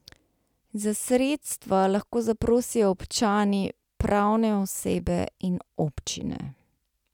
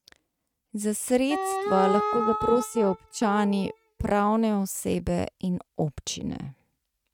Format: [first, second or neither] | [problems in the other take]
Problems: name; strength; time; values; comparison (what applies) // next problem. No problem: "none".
first | noise reduction (neural mask model RNNoise)